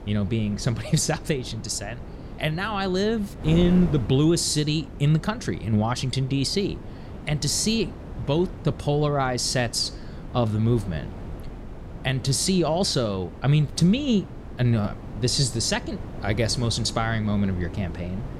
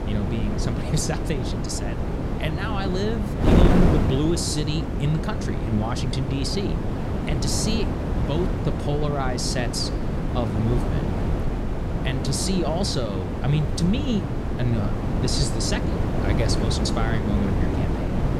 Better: first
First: wind noise on the microphone; occasional gusts; 15 dB below the speech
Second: wind noise on the microphone; heavy; 1 dB below the speech

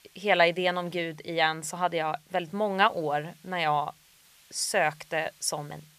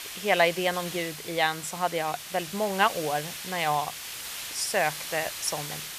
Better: first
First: hiss; faint; throughout; 30 dB below the speech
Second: hiss; loud; throughout; 8 dB below the speech

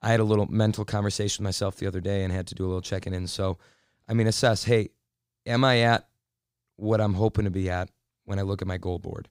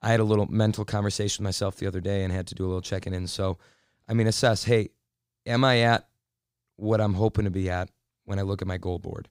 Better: neither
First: none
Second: none

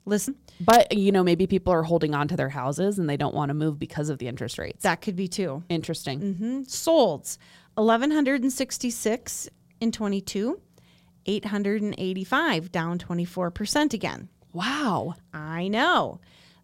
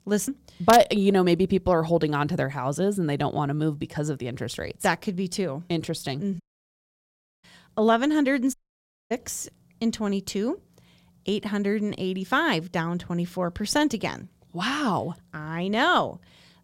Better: first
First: none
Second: audio cutting out; at 6.5 s for 1 s and at 8.5 s for 0.5 s

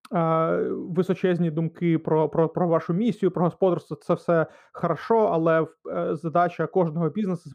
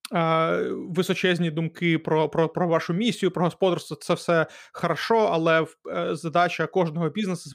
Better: second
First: muffled; very; fading above 1.5 kHz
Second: none

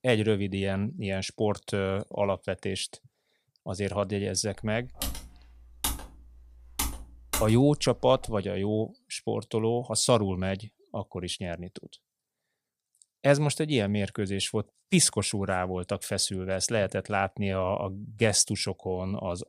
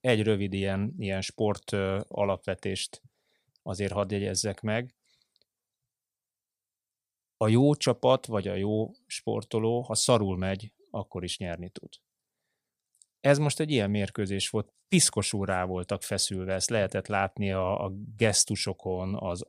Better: second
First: keyboard typing; noticeable; from 4.5 to 8.5 s; peak 4 dB below the speech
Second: none

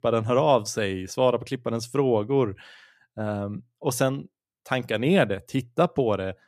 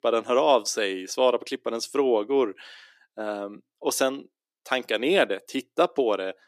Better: first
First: none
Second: thin; very slightly; fading below 300 Hz

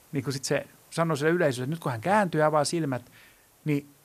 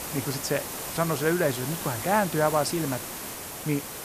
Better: first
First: hiss; faint; throughout; 30 dB below the speech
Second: hiss; loud; throughout; 6 dB below the speech

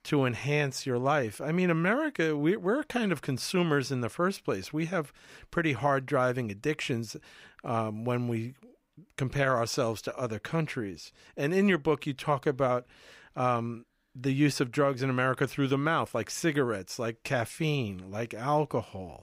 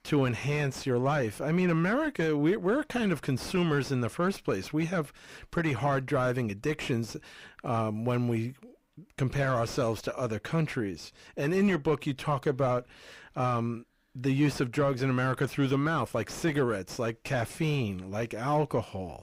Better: first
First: none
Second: distortion; slight; 10 dB below the speech

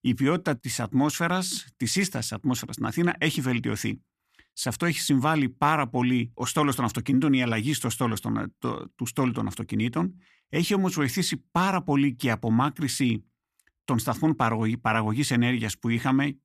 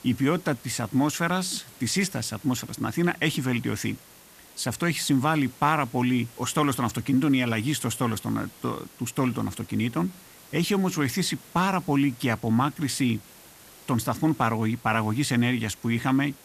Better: first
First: none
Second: hiss; faint; throughout; 20 dB below the speech

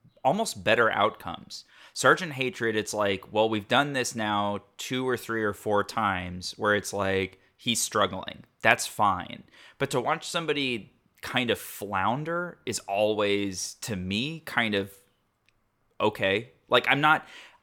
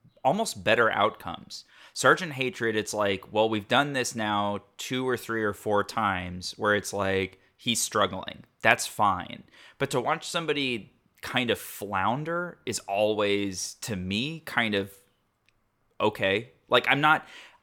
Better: neither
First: none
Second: none

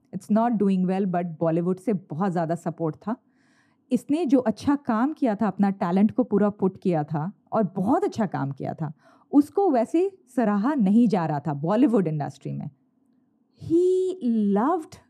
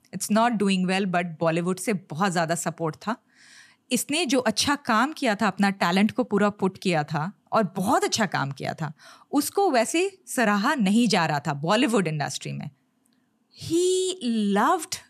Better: second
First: muffled; very; fading above 1.5 kHz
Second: none

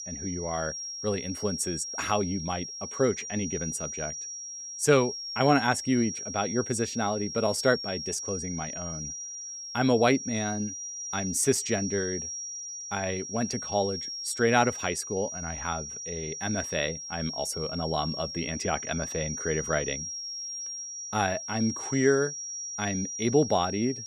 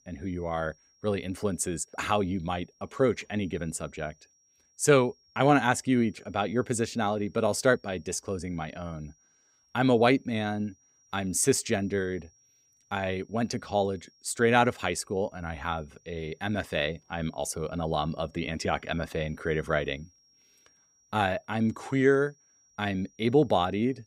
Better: second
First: high-pitched whine; loud; throughout; 5.5 kHz, 6 dB below the speech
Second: high-pitched whine; faint; throughout; 5.5 kHz, 35 dB below the speech

